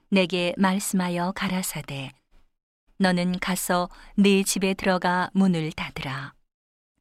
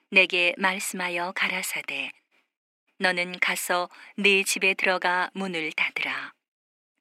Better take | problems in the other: first | thin; somewhat; fading below 250 Hz

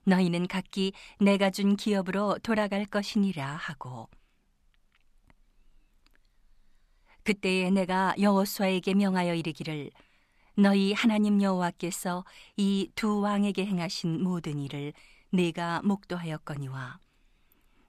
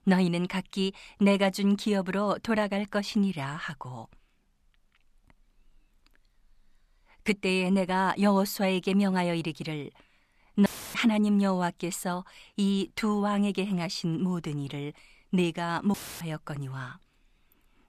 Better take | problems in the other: first | audio cutting out; filled with static; at 11 s and at 16 s

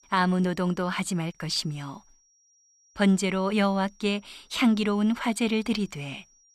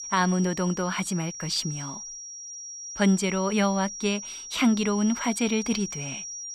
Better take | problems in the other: first | high-pitched whine; loud; throughout; 5.5 kHz, 9 dB below the speech; faint in the first

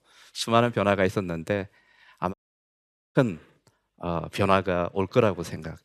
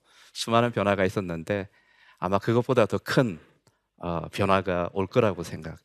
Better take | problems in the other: second | audio cutting out; at 2.5 s for 1 s

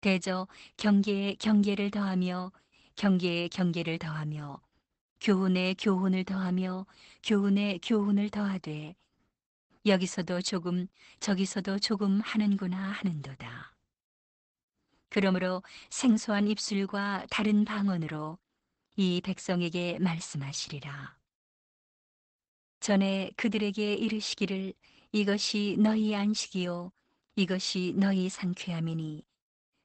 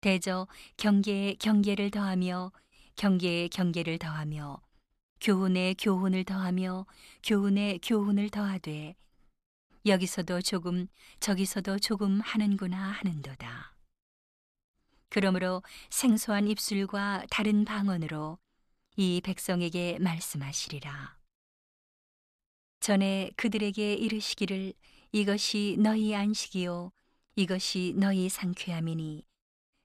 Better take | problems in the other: second | garbled, watery; badly; nothing above 8 kHz

